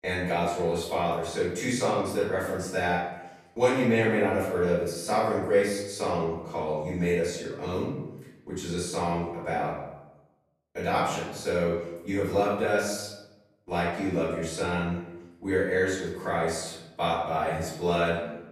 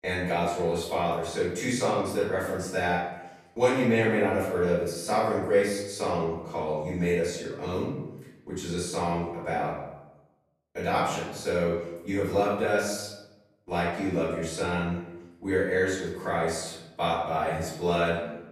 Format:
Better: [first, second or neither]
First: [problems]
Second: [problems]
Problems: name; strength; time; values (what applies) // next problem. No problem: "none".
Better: neither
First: off-mic speech; far // room echo; noticeable; dies away in 0.9 s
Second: off-mic speech; far // room echo; noticeable; dies away in 0.9 s